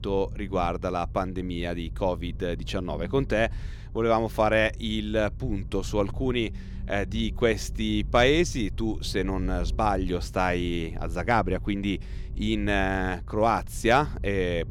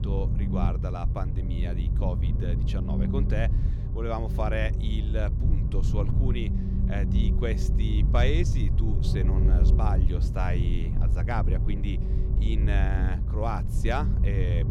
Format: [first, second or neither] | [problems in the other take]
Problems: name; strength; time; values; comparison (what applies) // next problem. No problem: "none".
first | low rumble; loud; throughout; 5 dB below the speech; faint in the first